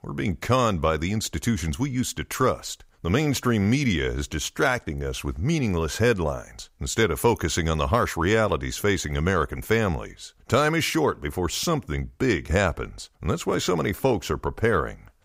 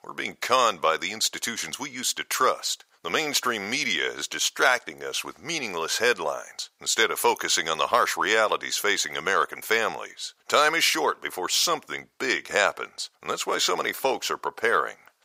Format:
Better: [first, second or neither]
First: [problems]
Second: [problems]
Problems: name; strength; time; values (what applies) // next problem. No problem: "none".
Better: first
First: none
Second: thin; very; fading below 650 Hz